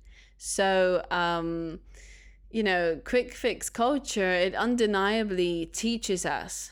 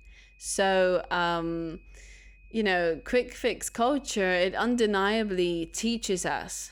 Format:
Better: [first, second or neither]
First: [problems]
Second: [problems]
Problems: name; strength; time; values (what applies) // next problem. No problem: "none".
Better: first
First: none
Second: high-pitched whine; faint; throughout; 2.5 kHz, 35 dB below the speech